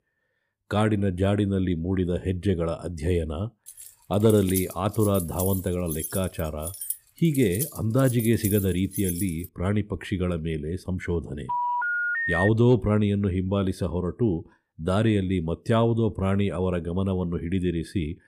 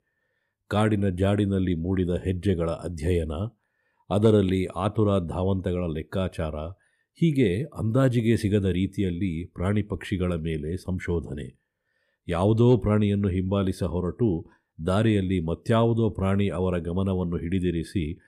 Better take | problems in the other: second | jangling keys; noticeable; from 3.5 to 9.5 s; peak 6 dB below the speech // phone ringing; loud; from 11 to 12 s; peak 1 dB above the speech

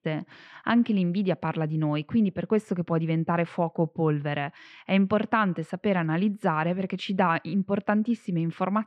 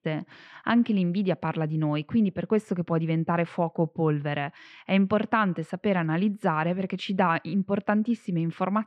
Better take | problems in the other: neither | muffled; slightly; fading above 2.5 kHz; the same in both

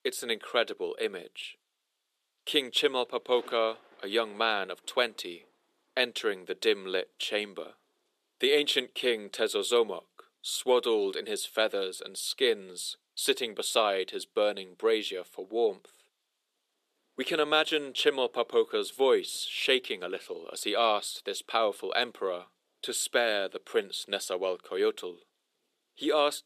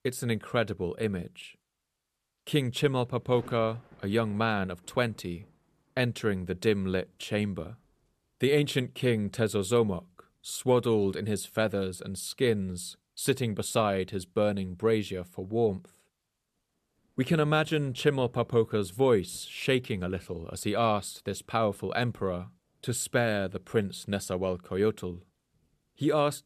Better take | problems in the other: second | thin; somewhat; fading below 350 Hz

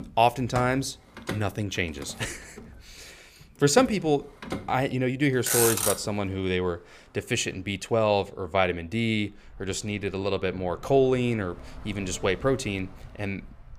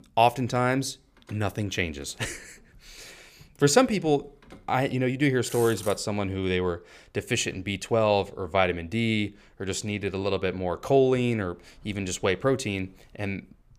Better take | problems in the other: second | traffic noise; loud; throughout; 5 dB below the speech; faint in the second

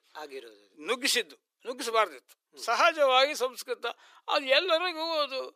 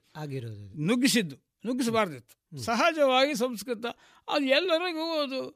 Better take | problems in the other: second | thin; very; fading below 350 Hz

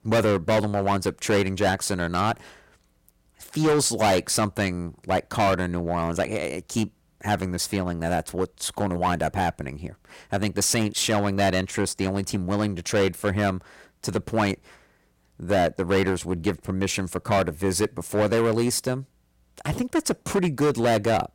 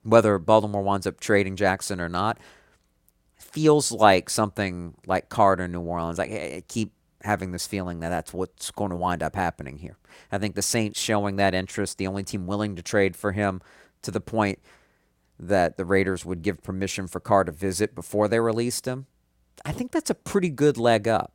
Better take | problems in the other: second | distortion; heavy; 9% of the sound clipped

